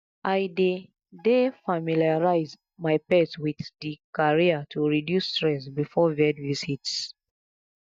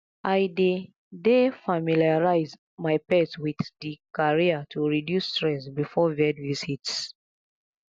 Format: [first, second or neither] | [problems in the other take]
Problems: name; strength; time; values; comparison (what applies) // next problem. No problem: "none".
second | noise reduction (neural mask model DeepFilterNet 3)